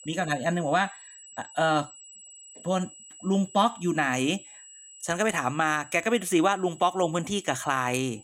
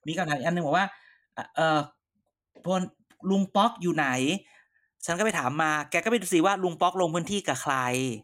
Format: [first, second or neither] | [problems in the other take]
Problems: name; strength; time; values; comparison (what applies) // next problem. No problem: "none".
second | high-pitched whine; noticeable; throughout; 8 kHz, 20 dB below the speech